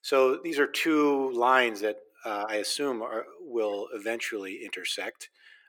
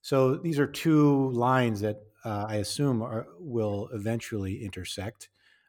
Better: second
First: thin; somewhat; fading below 350 Hz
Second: none

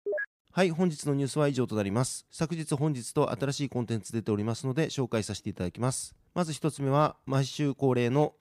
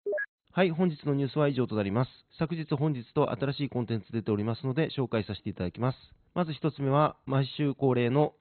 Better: first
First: none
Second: garbled, watery; badly; nothing above 4 kHz

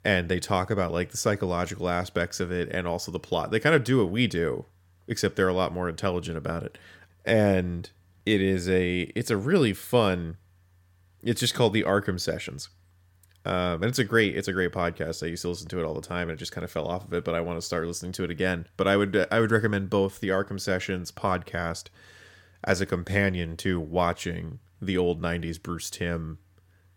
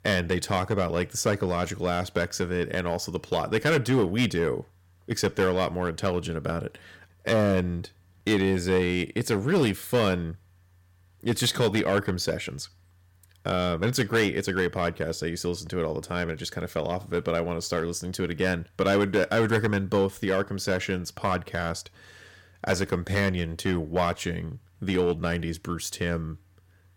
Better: first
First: none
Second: distortion; slight; 3% of the sound clipped

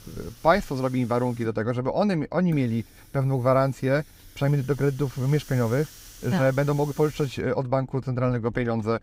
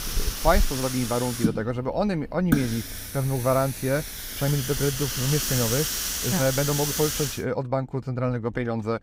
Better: first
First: hiss; faint; until 7.5 s; 20 dB below the speech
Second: hiss; loud; until 7.5 s; 1 dB below the speech

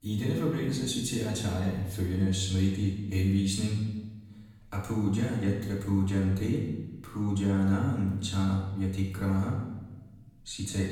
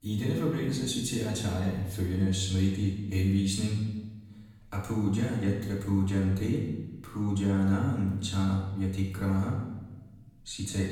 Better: neither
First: off-mic speech; far // room echo; noticeable; dies away in 1 s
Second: off-mic speech; far // room echo; noticeable; dies away in 1 s

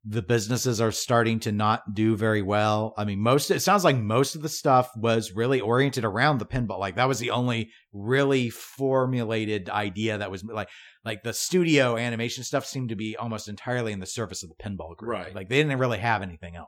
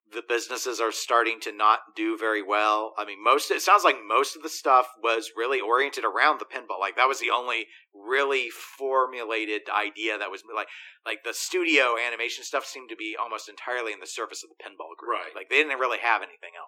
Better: first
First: none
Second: thin; very; fading below 300 Hz

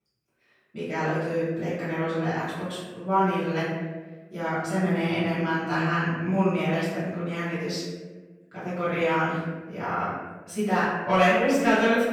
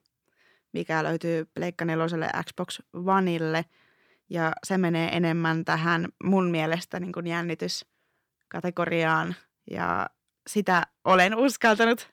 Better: second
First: off-mic speech; far // room echo; strong; dies away in 1.1 s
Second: none

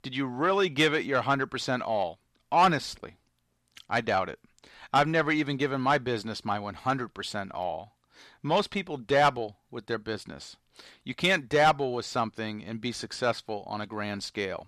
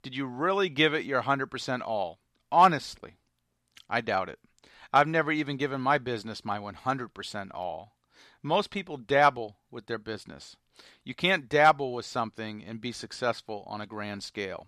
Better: second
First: distortion; slight; 10 dB below the speech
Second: none

